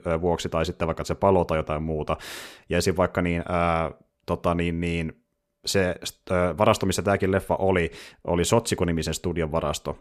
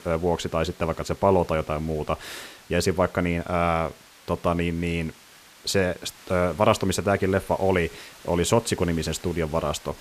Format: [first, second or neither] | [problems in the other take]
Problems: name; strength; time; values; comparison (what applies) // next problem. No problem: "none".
first | hiss; faint; throughout; 20 dB below the speech